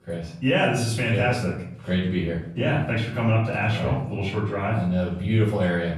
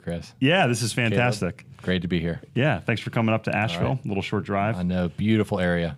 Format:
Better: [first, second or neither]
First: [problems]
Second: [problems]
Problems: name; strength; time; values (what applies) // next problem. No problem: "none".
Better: second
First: room echo; noticeable; dies away in 0.5 s // off-mic speech; far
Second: none